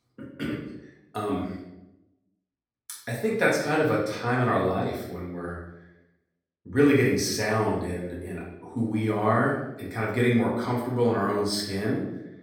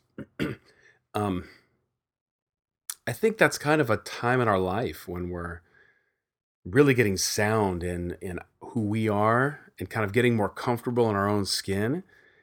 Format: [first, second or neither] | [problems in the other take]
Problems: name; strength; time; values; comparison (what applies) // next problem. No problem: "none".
second | off-mic speech; far // room echo; noticeable; dies away in 0.7 s